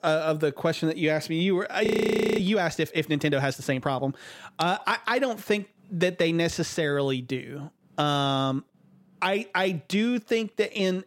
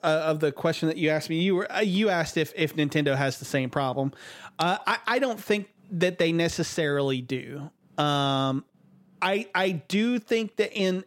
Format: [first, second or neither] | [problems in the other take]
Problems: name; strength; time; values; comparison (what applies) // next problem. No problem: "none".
second | audio freezing; at 2 s for 0.5 s